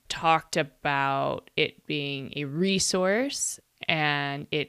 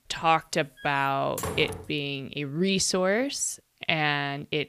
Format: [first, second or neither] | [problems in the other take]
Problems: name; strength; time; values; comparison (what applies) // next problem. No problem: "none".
first | door banging; noticeable; from 1 to 2 s; peak 6 dB below the speech